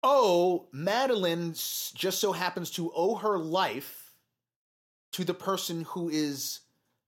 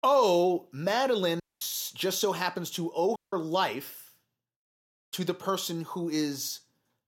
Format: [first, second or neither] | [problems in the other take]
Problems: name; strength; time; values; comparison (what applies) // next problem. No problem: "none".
first | audio cutting out; at 1.5 s and at 3 s